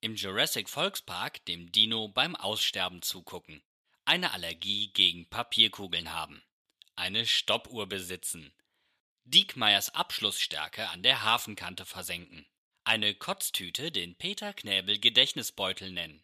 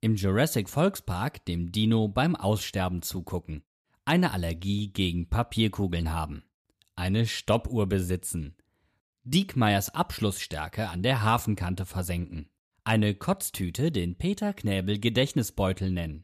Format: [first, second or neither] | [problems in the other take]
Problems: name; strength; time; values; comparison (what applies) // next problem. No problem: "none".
second | thin; somewhat; fading below 950 Hz